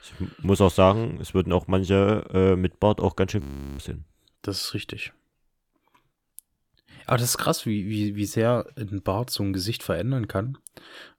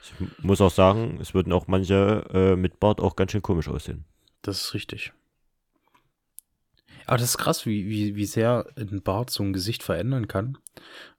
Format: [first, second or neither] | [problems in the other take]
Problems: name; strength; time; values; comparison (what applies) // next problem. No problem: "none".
second | audio freezing; at 3.5 s